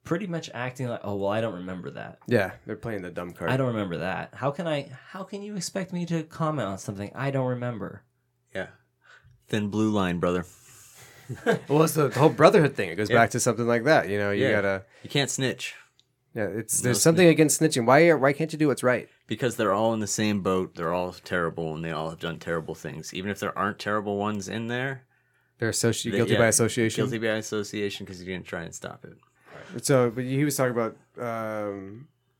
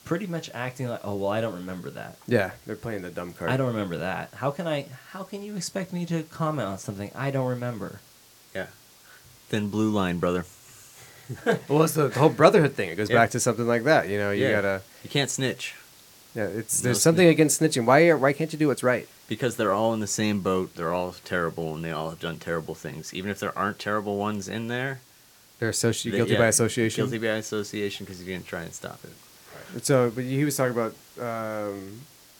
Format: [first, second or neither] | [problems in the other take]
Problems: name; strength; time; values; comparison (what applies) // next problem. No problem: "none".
first | hiss; faint; throughout; 25 dB below the speech